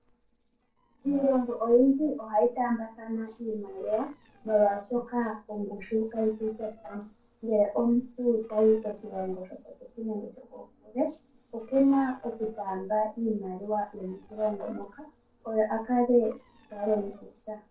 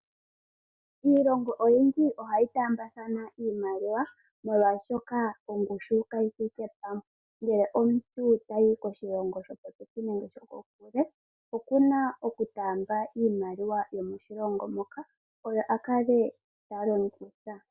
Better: second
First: noise reduction (neural separator model SepFormer DNS4)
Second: none

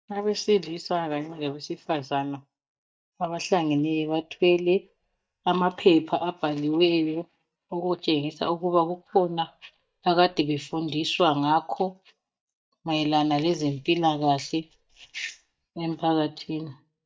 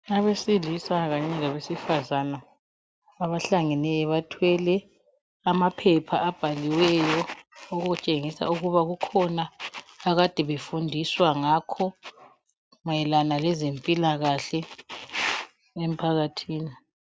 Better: second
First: noise reduction (neural mask model DeepFilterNet 3)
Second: none

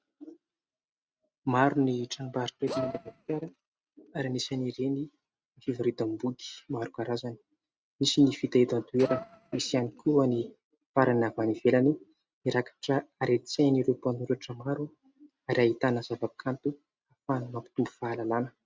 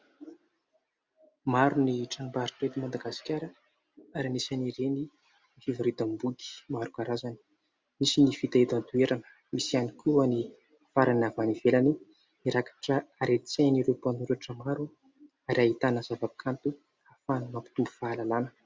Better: second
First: noise reduction (neural mask model RNNoise)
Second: none

